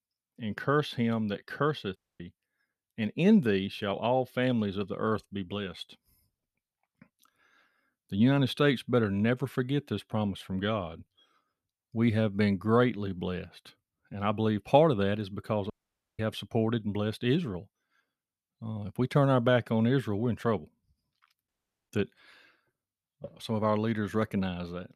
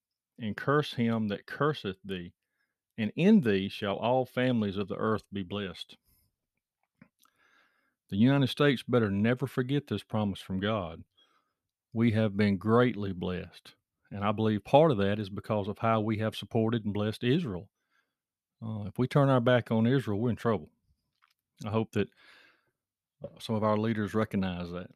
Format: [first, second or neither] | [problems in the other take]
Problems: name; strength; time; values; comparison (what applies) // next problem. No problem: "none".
second | audio cutting out; at 2 s, at 16 s and at 21 s